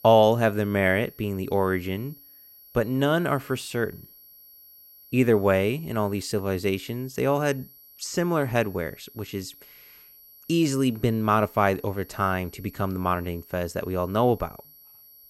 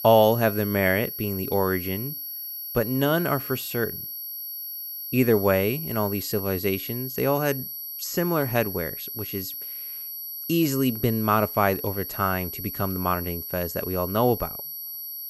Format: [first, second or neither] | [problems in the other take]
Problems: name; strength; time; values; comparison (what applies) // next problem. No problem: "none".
first | high-pitched whine; loud; throughout; 12 kHz, 7 dB below the speech; faint in the first